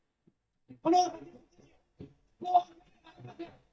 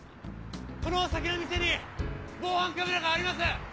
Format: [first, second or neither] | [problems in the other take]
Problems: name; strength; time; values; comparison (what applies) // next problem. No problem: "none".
second | noise reduction (neural mask model DeepFilterNet 3)